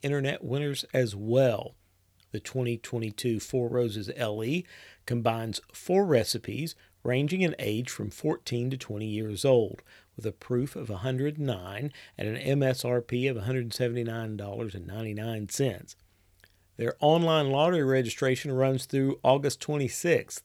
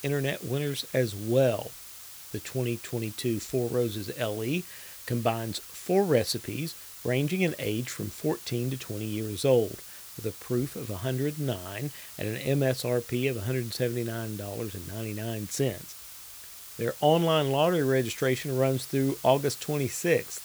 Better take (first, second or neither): first